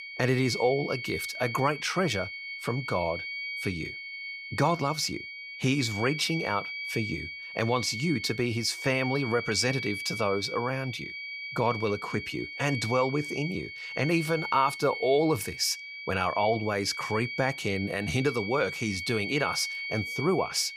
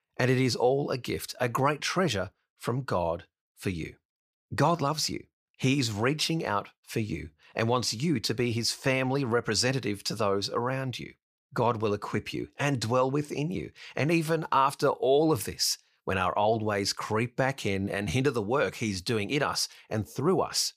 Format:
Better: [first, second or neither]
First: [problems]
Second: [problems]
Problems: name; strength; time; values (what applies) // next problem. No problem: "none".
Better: second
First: high-pitched whine; loud; throughout; 2.5 kHz, 6 dB below the speech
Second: none